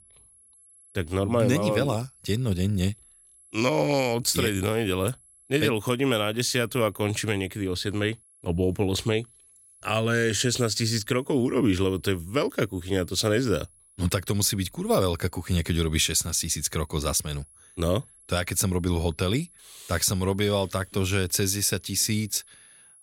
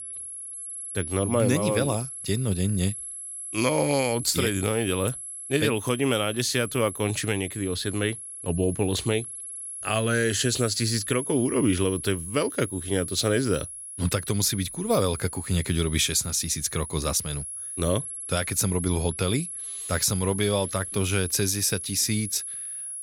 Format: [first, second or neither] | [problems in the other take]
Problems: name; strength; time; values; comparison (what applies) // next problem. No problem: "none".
first | high-pitched whine; loud; throughout; 11 kHz, 8 dB below the speech; faint in the first